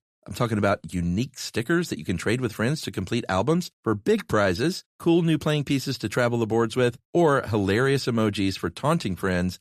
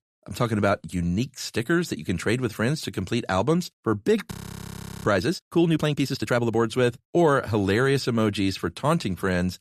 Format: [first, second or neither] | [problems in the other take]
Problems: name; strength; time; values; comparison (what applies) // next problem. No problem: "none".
first | audio freezing; at 4.5 s for 0.5 s